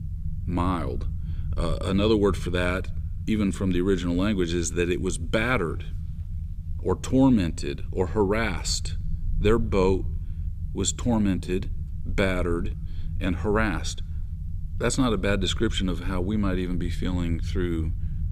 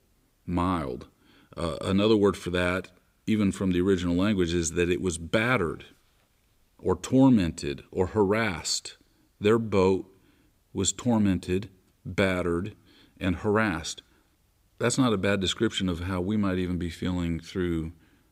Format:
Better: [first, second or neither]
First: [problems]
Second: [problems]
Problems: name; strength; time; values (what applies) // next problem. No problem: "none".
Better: second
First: low rumble; faint; throughout; 20 dB below the speech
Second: none